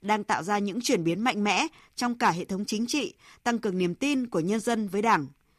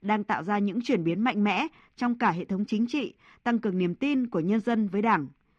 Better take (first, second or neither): first